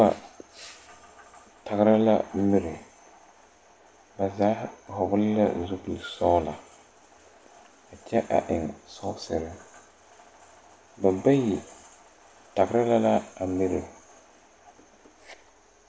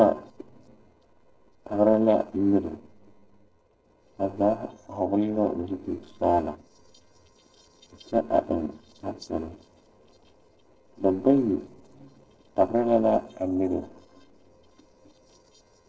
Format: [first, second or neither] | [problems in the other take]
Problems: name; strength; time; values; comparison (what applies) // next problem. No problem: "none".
first | noise reduction (neural separator model SepFormer DNS4)